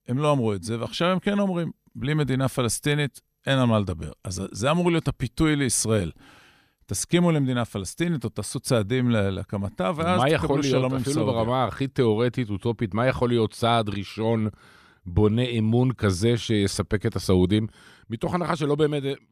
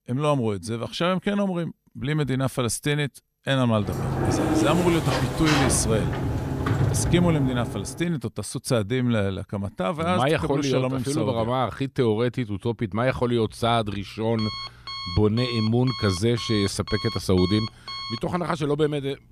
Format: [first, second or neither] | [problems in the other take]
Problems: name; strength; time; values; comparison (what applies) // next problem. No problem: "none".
first | door banging; loud; from 4 to 8 s; peak 2 dB above the speech // alarm; noticeable; from 13 s on; peak 7 dB below the speech